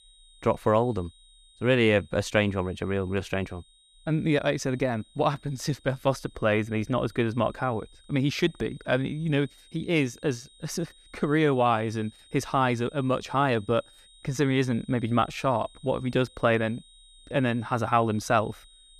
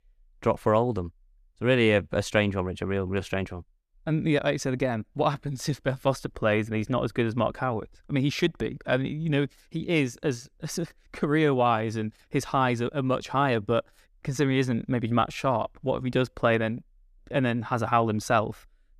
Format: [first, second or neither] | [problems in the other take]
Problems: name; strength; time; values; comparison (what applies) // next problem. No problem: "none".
second | high-pitched whine; faint; throughout; 4 kHz, 25 dB below the speech